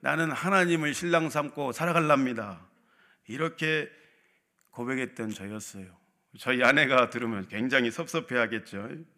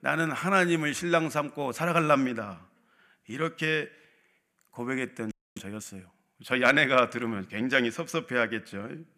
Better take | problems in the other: first | audio freezing; at 5.5 s

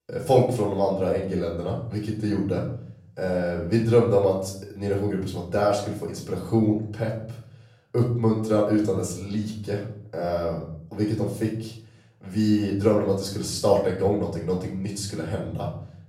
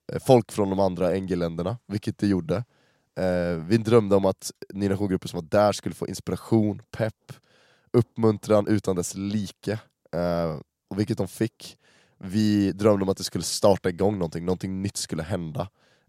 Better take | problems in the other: second | off-mic speech; far // room echo; slight; dies away in 0.6 s

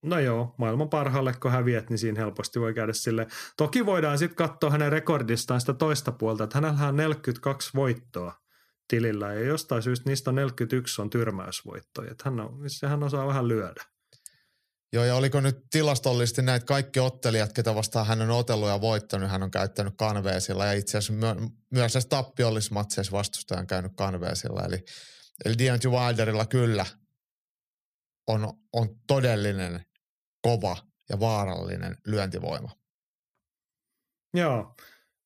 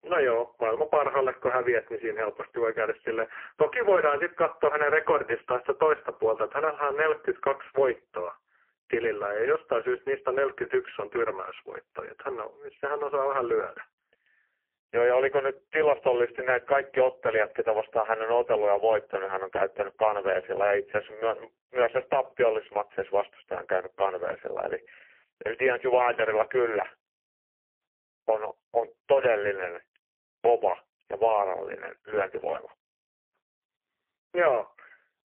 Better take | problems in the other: first | phone-call audio; poor line; nothing above 3 kHz

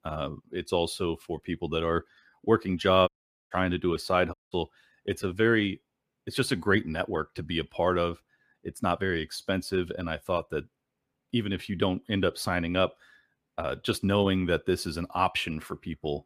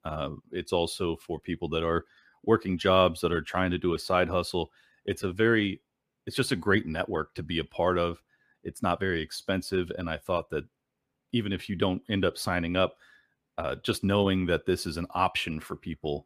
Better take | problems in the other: second | audio cutting out; at 3 s and at 4.5 s

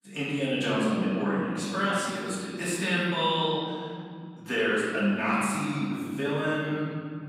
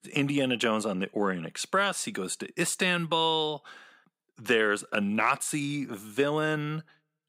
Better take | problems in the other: second | room echo; strong; dies away in 3 s // off-mic speech; far

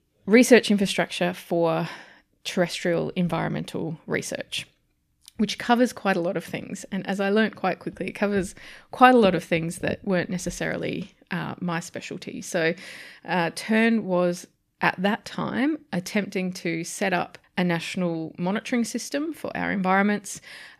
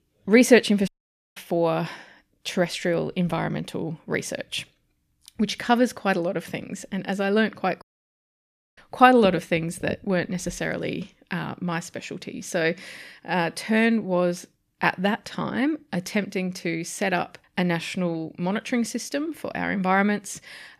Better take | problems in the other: first | audio cutting out; at 1 s and at 8 s for 1 s

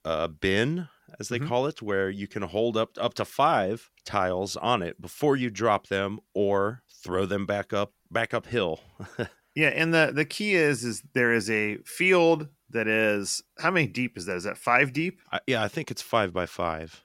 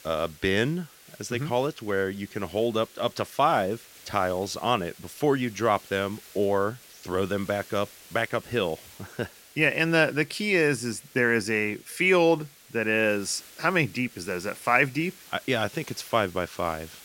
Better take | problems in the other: first | hiss; faint; throughout; 20 dB below the speech

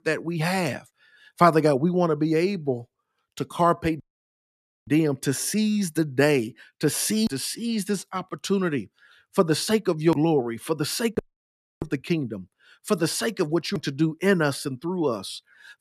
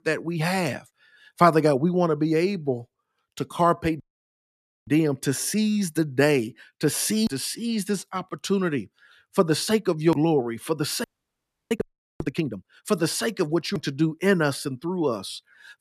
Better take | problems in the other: first | audio freezing; at 11 s for 0.5 s

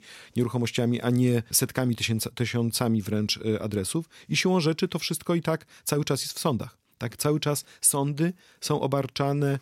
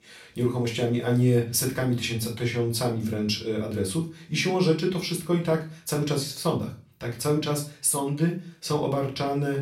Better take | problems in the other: first | off-mic speech; far // room echo; slight; dies away in 0.3 s

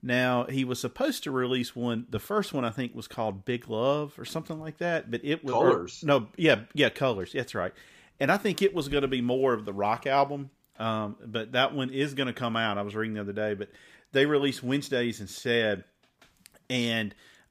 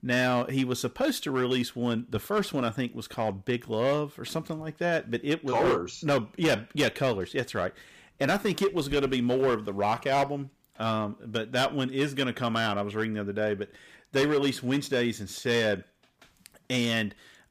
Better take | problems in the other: first | distortion; slight; 6% of the sound clipped

